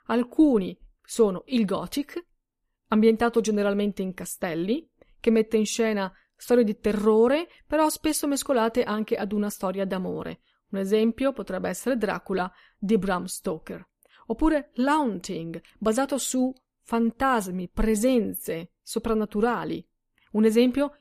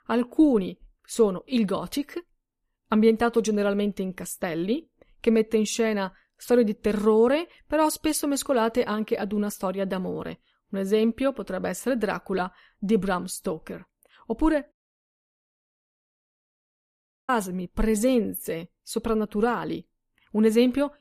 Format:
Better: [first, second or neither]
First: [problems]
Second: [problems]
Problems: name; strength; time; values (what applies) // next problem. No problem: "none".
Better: first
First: none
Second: audio cutting out; at 15 s for 2.5 s